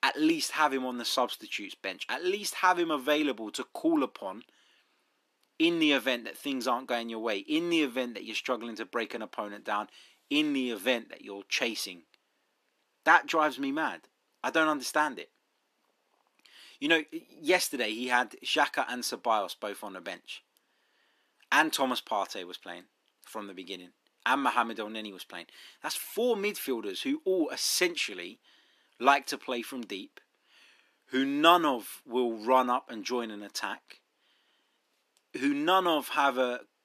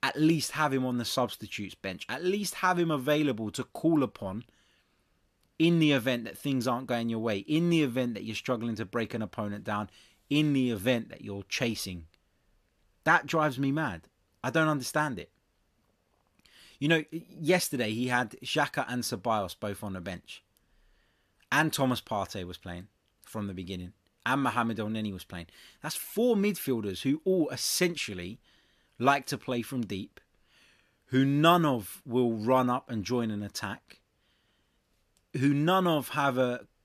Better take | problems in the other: second | thin; very slightly; fading below 300 Hz

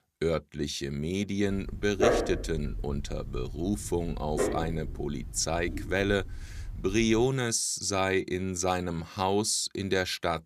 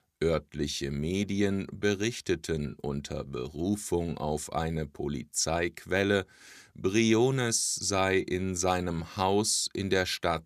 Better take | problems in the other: second | dog barking; loud; from 1.5 to 7.5 s; peak 4 dB above the speech

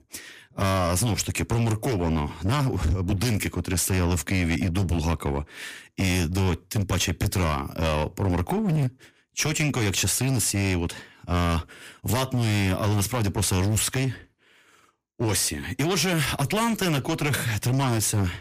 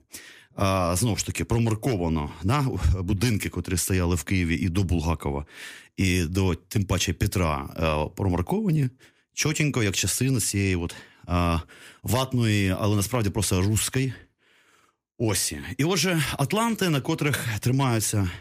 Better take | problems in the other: second | distortion; slight; 18% of the sound clipped

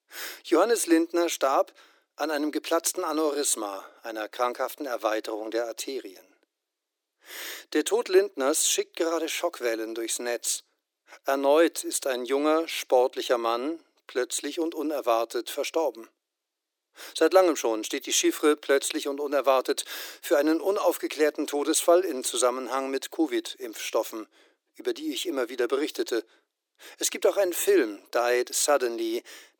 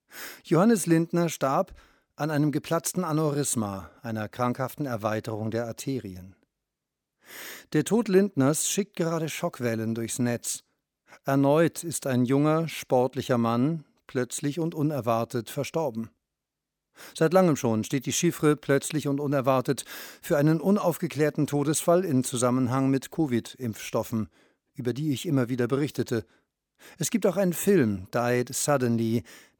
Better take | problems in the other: second | thin; very; fading below 300 Hz

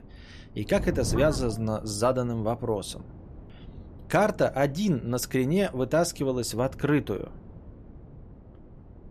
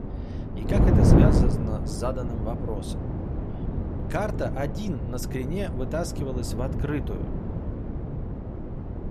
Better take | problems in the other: first | wind noise on the microphone; heavy; 1 dB below the speech; occasional gusts in the first

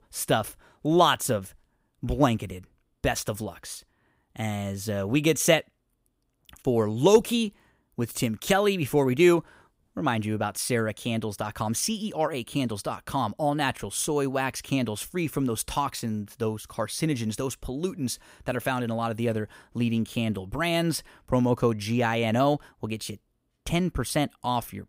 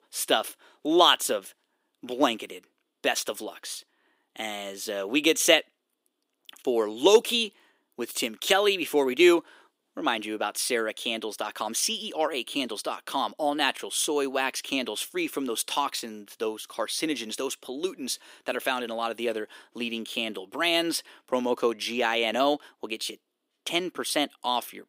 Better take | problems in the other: first | thin; somewhat; fading below 300 Hz

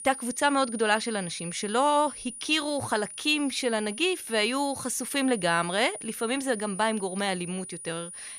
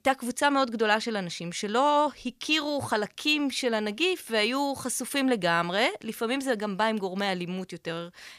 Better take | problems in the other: second | high-pitched whine; noticeable; throughout; 9.5 kHz, 10 dB below the speech

